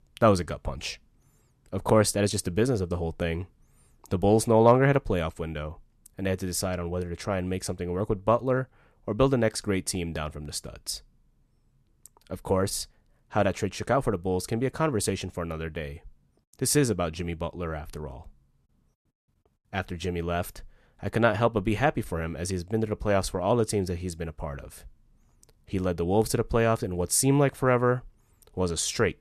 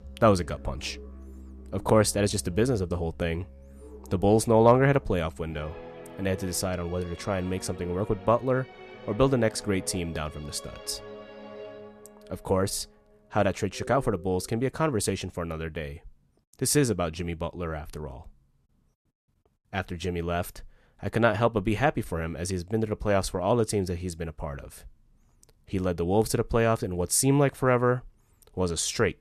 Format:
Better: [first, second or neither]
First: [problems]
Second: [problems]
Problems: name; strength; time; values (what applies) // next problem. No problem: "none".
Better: first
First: none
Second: background music; noticeable; until 14 s; 20 dB below the speech